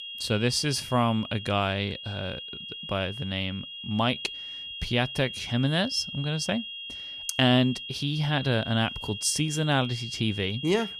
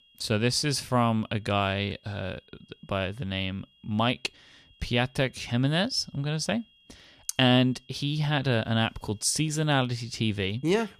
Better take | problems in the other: second | high-pitched whine; loud; throughout; 3.5 kHz, 9 dB below the speech; faint in the second

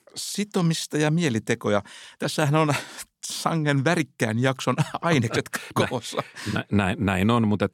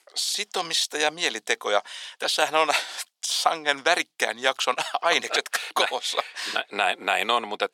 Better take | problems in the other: first | thin; very; fading below 500 Hz

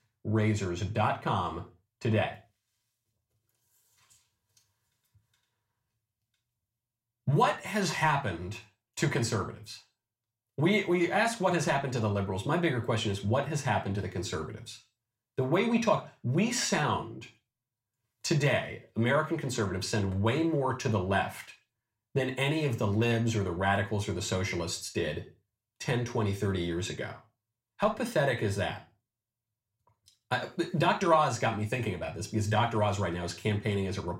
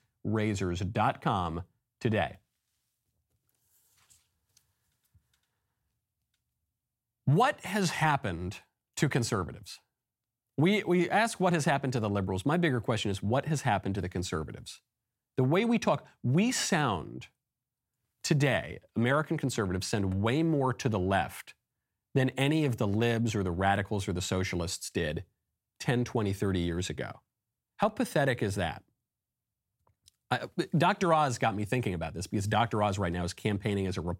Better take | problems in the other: second | room echo; very slight; dies away in 0.3 s

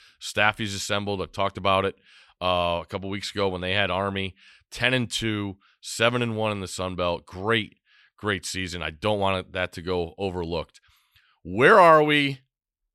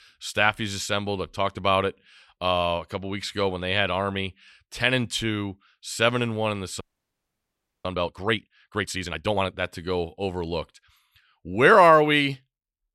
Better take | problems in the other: first | audio freezing; at 7 s for 1 s

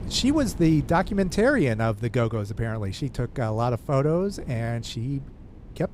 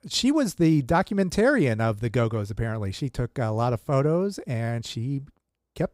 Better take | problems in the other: second | wind noise on the microphone; occasional gusts; 20 dB below the speech

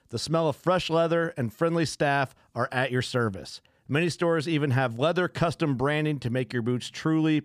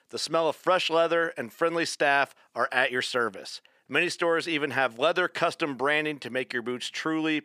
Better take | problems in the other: first | thin; somewhat; fading below 400 Hz

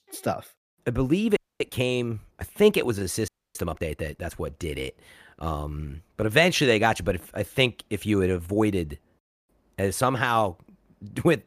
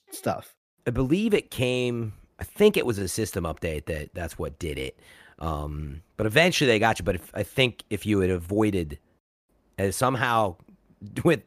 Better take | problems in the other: second | audio freezing; at 1.5 s and at 3.5 s

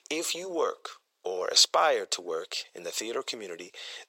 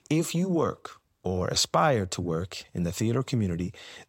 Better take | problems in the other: second | thin; very; fading below 450 Hz

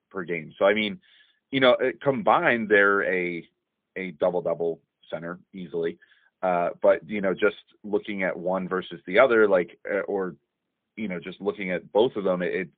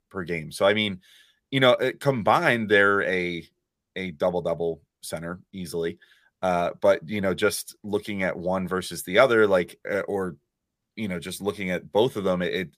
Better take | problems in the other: second | phone-call audio; poor line; nothing above 3.5 kHz

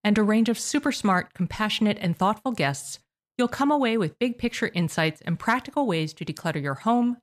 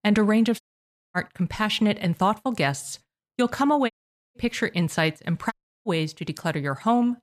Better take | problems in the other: first | audio cutting out; at 0.5 s for 0.5 s, at 4 s and at 5.5 s

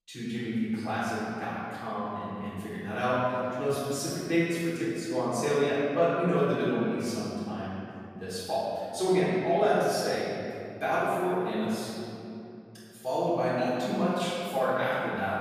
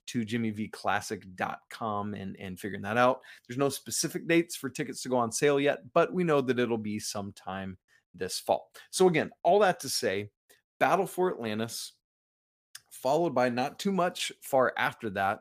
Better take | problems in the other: second | off-mic speech; far // room echo; strong; dies away in 2.7 s

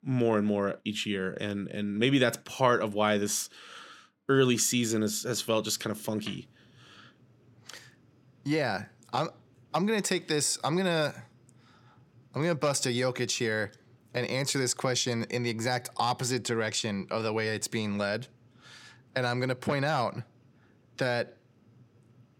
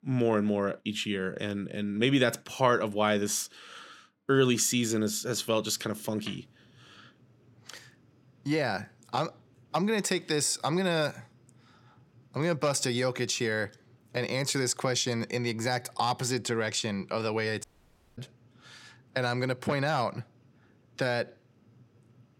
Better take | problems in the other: first | audio cutting out; at 18 s for 0.5 s

